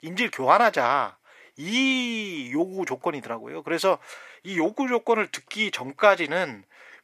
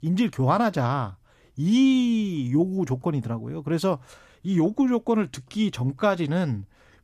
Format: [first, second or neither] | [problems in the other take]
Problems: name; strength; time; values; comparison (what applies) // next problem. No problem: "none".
second | thin; somewhat; fading below 550 Hz